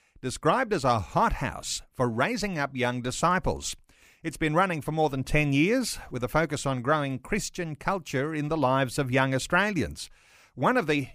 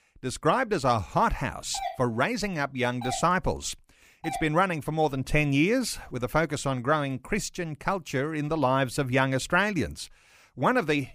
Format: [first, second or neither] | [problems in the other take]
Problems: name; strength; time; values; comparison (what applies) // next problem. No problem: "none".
first | doorbell; noticeable; from 1.5 to 4.5 s; peak 9 dB below the speech